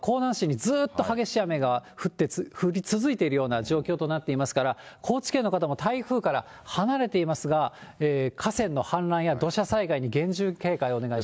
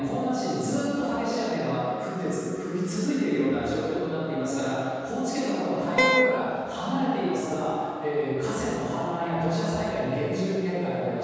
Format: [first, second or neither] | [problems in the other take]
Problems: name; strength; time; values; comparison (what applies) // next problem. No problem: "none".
first | background sound (Wind instrument, woodwind instrument); 2 dB above the speech // room echo; dies away in 2.1 s